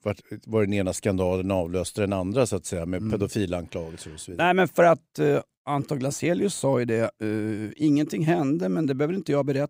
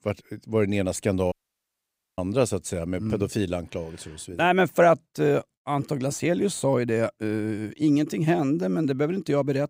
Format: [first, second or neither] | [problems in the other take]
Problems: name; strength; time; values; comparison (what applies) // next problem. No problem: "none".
first | audio cutting out; at 1.5 s for 1 s